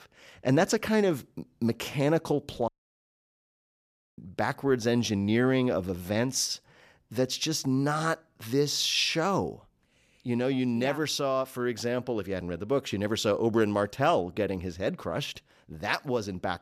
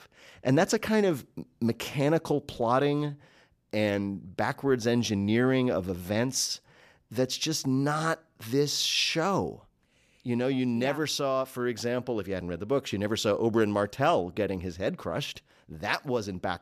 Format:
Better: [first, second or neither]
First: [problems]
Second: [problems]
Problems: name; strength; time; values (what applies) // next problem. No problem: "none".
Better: second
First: audio cutting out; at 2.5 s for 1.5 s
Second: none